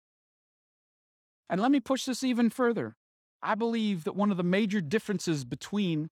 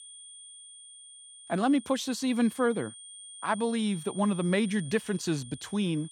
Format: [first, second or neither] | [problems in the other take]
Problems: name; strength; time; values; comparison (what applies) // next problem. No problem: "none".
first | high-pitched whine; noticeable; throughout; 9 kHz, 15 dB below the speech